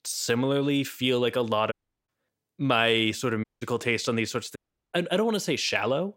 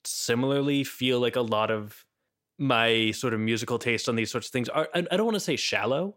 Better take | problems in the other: second | audio cutting out; at 1.5 s, at 3.5 s and at 4.5 s

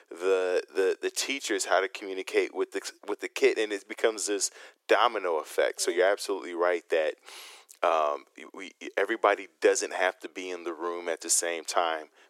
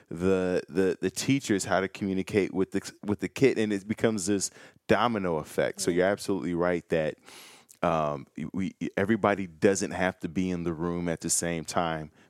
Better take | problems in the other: second | thin; very; fading below 350 Hz

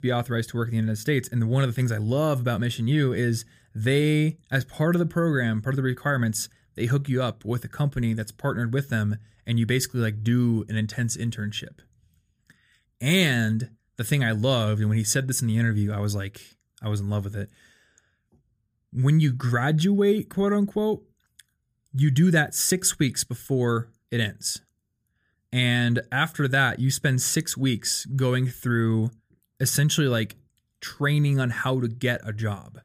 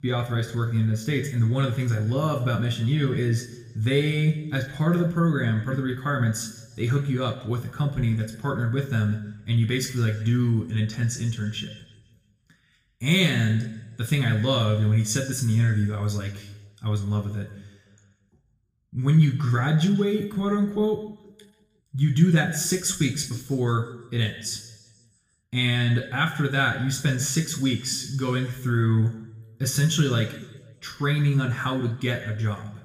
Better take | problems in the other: first | room echo; slight; dies away in 0.9 s // off-mic speech; somewhat distant

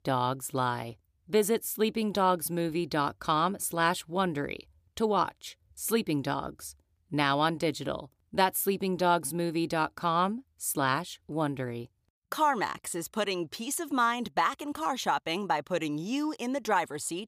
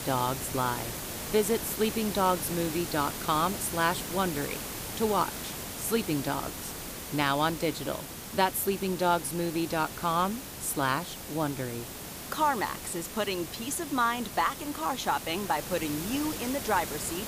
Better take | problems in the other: first | hiss; loud; throughout; 7 dB below the speech

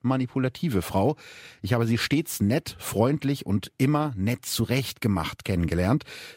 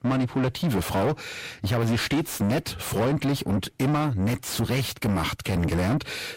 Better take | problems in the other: first | distortion; heavy; 7 dB below the speech

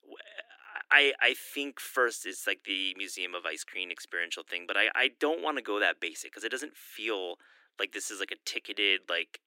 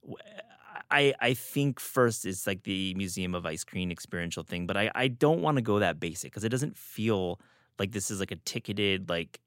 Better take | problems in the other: second | thin; very; fading below 300 Hz

